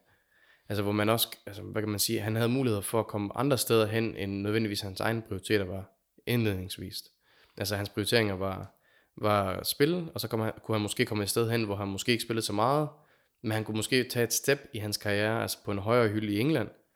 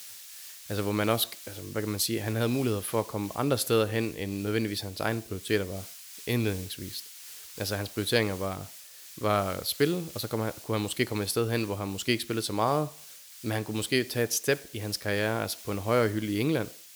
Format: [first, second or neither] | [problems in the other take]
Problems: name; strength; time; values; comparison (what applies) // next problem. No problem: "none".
first | hiss; noticeable; throughout; 15 dB below the speech